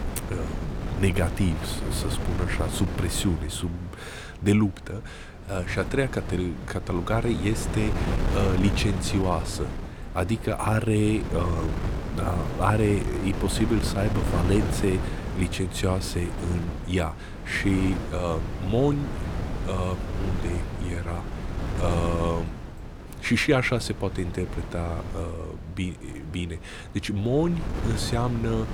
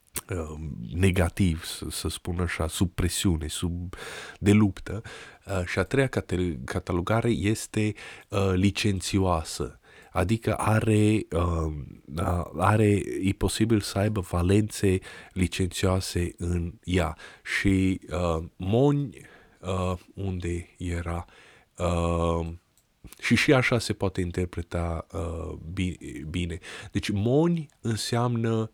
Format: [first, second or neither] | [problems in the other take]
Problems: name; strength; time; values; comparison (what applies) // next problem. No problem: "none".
second | wind noise on the microphone; heavy; 7 dB below the speech